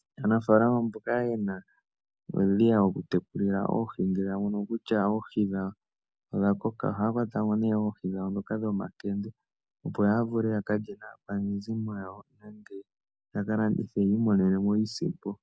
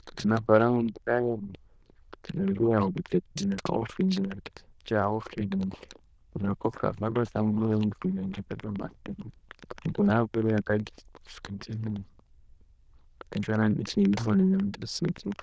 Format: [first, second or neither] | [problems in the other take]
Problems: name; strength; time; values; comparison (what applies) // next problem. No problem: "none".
first | noise reduction (neural diffusion model UNIVERSE++)